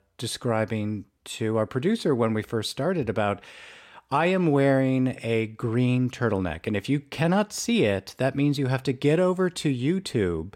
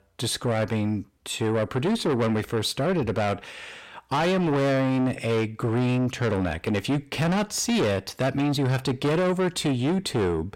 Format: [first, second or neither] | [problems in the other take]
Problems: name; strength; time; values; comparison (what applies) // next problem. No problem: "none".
first | distortion; heavy; 8 dB below the speech